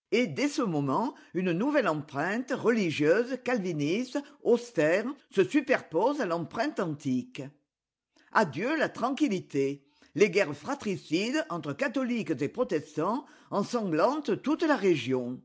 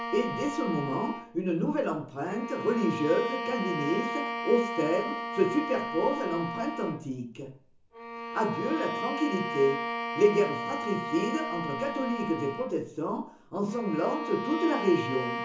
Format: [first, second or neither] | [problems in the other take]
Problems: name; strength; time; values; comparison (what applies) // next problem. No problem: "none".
first | background sound (Bowed string instrument); 6 dB below the speech // room echo; dies away in 0.8 s